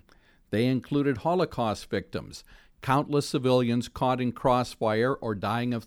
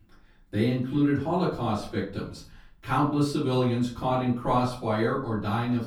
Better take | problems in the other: first | off-mic speech; far // room echo; slight; dies away in 0.4 s

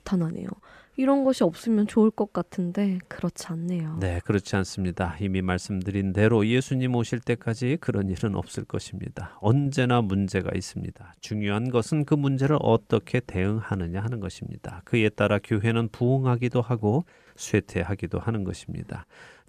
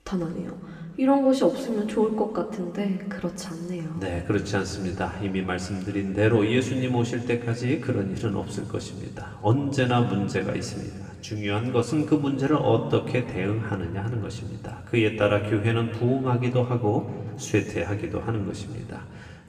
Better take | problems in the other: first | room echo; slight; dies away in 1.9 s // off-mic speech; somewhat distant

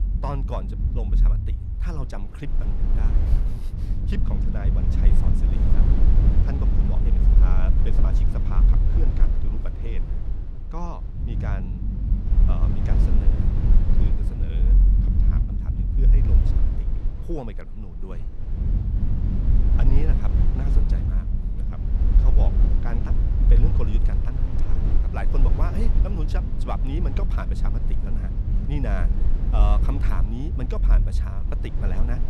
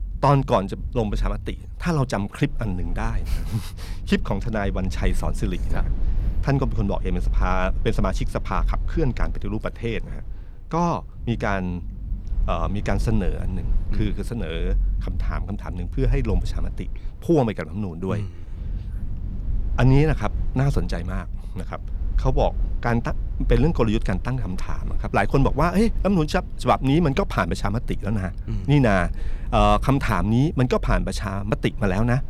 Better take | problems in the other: second | low rumble; loud; throughout; 1 dB below the speech; faint in the second

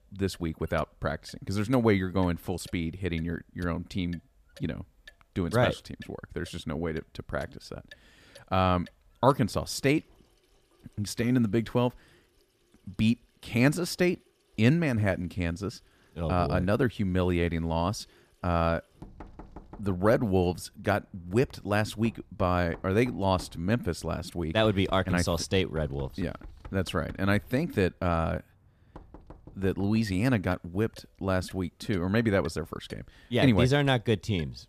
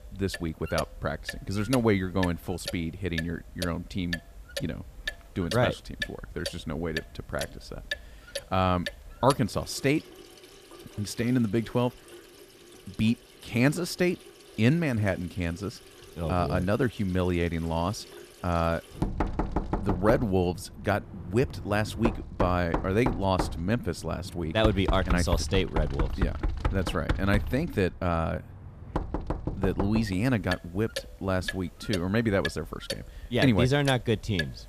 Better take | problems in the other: first | household noises; loud; throughout; 7 dB below the speech; faint in the first

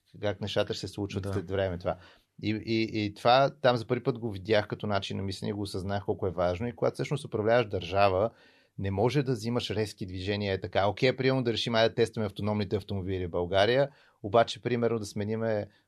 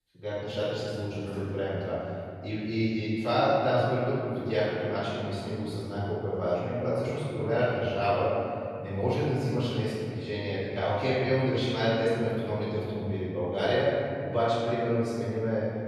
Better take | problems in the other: first | room echo; strong; dies away in 2.5 s // off-mic speech; far

